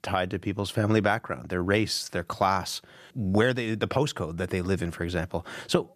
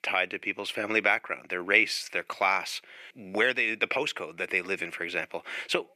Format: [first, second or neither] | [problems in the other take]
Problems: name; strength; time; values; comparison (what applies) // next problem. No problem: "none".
first | thin; somewhat; fading below 400 Hz